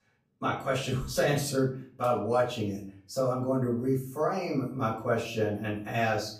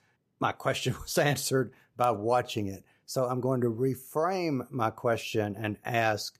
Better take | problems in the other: second | off-mic speech; far // room echo; slight; dies away in 0.4 s

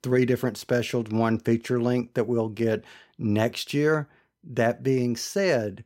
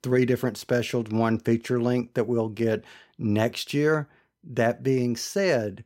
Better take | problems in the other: neither | none

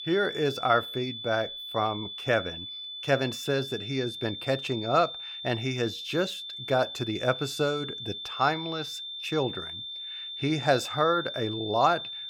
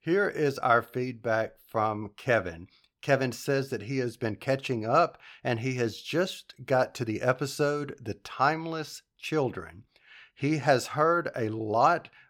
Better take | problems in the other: second | high-pitched whine; loud; throughout; 3.5 kHz, 7 dB below the speech

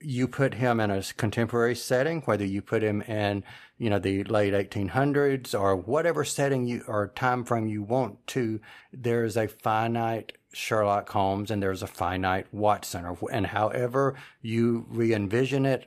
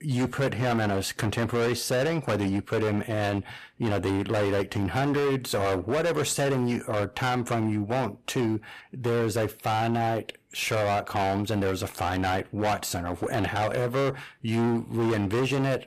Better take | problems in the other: first | distortion; heavy; 24% of the sound clipped

